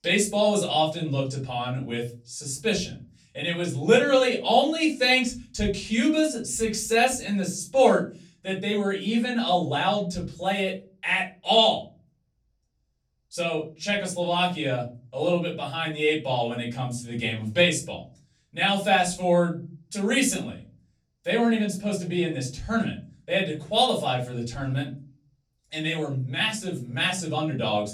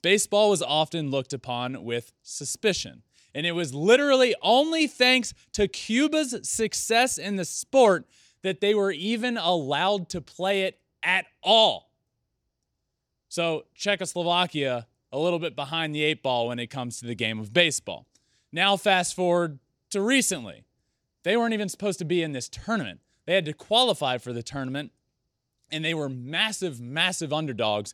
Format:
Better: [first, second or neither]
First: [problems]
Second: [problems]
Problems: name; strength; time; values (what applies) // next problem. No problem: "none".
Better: second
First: off-mic speech; far // room echo; slight; dies away in 0.3 s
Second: none